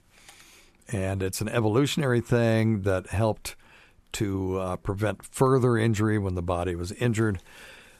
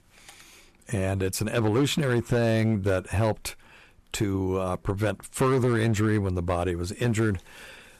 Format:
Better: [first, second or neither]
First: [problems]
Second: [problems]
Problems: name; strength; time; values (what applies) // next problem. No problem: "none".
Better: first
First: none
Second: distortion; slight; 5% of the sound clipped